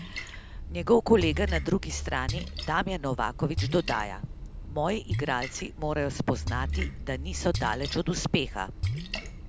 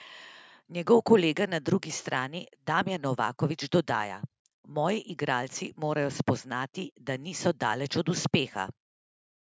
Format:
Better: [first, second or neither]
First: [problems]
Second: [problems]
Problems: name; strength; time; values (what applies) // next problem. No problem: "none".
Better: second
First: background sound (Splash, splatter); 5 dB below the speech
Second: none